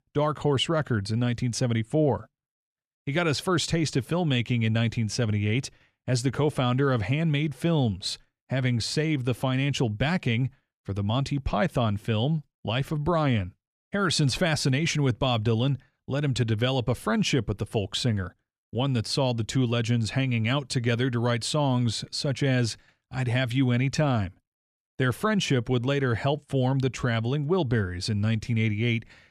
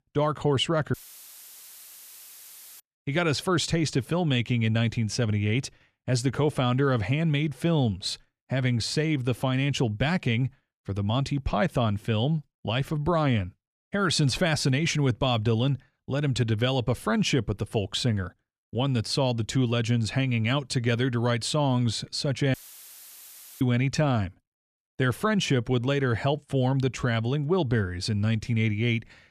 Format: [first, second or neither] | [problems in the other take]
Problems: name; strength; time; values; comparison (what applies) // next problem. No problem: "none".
first | audio cutting out; filled with static; at 1 s for 2 s and at 23 s for 1 s